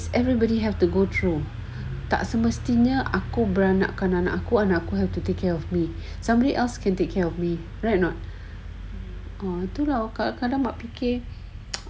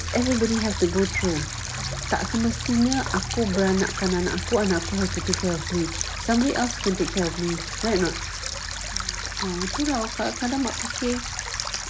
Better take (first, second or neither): first